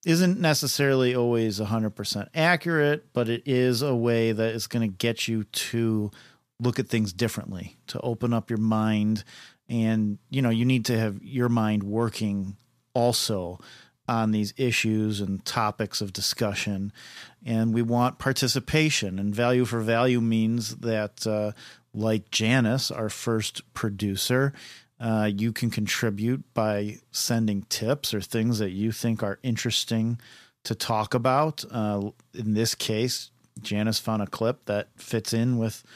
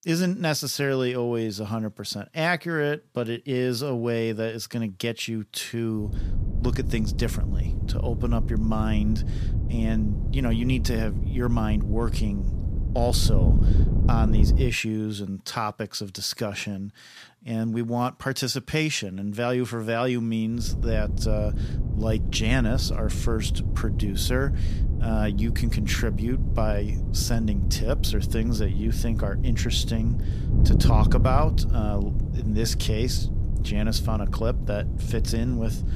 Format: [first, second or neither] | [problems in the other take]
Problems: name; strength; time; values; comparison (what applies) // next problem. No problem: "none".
first | wind noise on the microphone; occasional gusts; from 6 to 15 s and from 21 s on; 10 dB below the speech